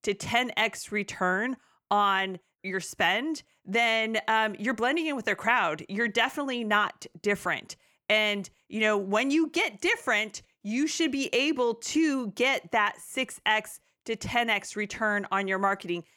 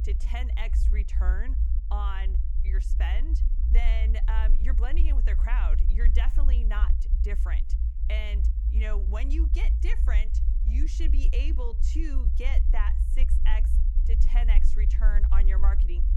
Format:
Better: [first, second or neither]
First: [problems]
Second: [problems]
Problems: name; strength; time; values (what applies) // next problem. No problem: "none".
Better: first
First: none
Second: low rumble; loud; throughout; 8 dB below the speech